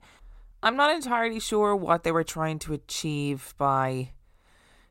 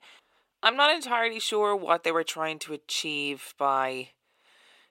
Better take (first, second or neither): first